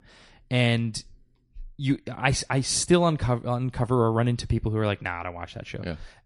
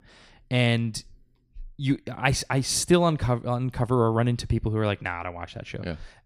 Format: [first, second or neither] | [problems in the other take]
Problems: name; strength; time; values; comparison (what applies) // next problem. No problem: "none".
second | garbled, watery; slightly; nothing above 10 kHz